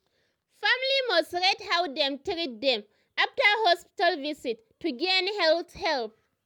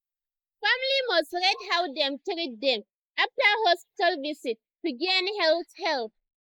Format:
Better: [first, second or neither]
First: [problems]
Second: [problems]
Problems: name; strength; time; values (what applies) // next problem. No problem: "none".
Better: first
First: none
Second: noise reduction (neural mask model Resemble Enhance denoiser)